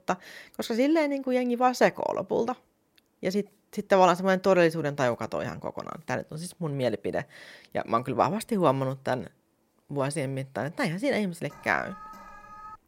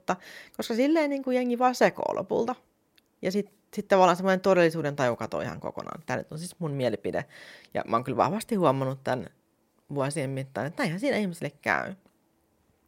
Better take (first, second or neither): second